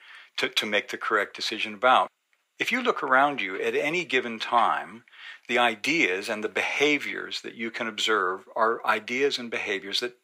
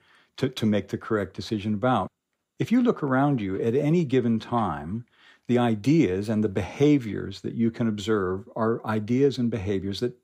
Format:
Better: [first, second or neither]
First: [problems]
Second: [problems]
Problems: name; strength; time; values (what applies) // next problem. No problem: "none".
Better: second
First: thin; very; fading below 700 Hz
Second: none